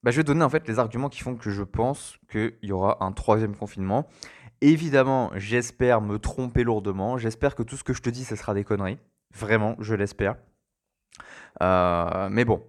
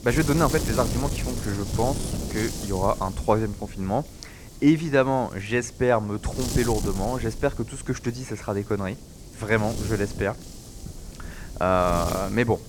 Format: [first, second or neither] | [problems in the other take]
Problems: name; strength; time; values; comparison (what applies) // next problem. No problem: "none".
first | wind noise on the microphone; occasional gusts; 10 dB below the speech